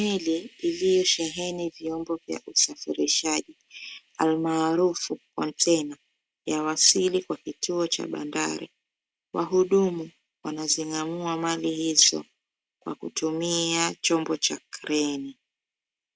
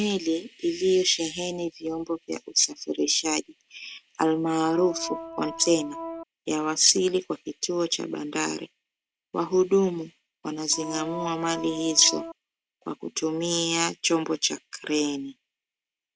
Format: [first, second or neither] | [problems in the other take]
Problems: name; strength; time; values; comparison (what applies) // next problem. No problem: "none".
first | background sound (Organ); 10 dB below the speech